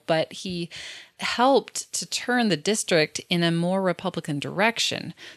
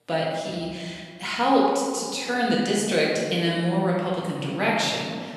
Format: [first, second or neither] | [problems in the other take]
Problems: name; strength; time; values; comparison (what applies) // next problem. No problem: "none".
first | room echo; noticeable; dies away in 1.6 s // off-mic speech; far